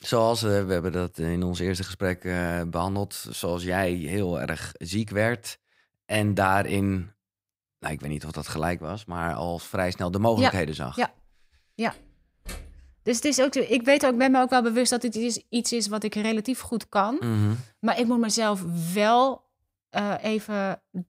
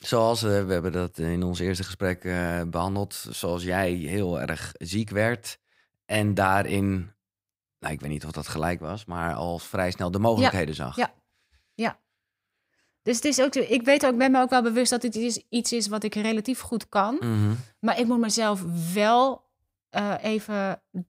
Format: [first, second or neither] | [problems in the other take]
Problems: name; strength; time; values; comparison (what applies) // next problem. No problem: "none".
second | door banging; faint; at 12 s; peak 15 dB below the speech